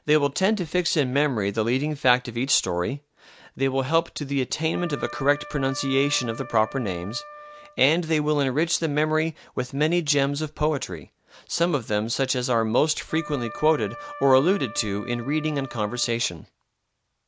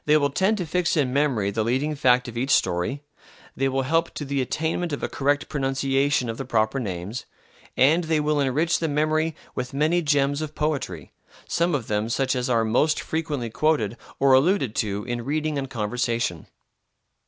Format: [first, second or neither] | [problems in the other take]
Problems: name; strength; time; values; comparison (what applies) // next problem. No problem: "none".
second | background sound (Wind instrument, woodwind instrument); 15 dB below the speech